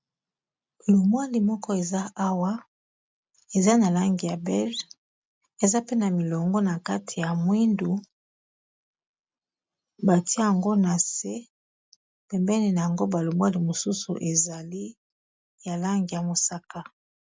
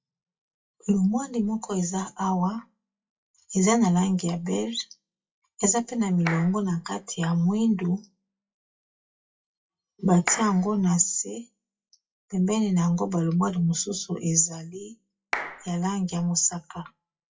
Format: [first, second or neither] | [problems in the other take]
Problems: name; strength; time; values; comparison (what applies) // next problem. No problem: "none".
first | noise reduction (classical method WPE with log-MMSE)